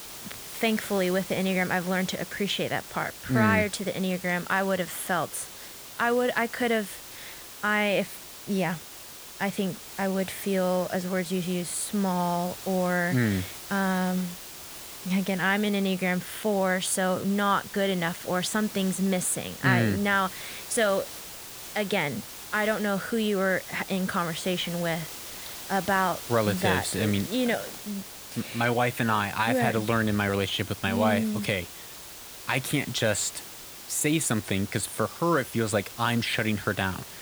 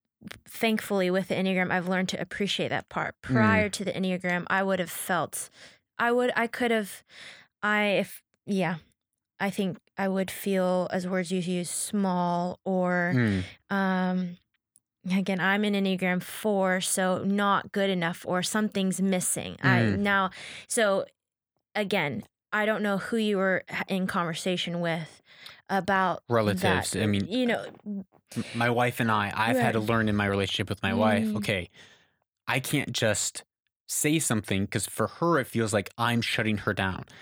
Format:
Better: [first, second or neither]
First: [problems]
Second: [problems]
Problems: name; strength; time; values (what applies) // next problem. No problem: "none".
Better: second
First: hiss; noticeable; throughout; 10 dB below the speech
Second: none